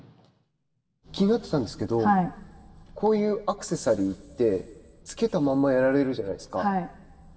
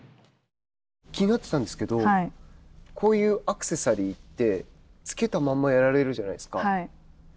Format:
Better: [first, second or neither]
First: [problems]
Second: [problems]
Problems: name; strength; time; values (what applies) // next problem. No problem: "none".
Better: second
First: room echo; dies away in 2.7 s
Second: none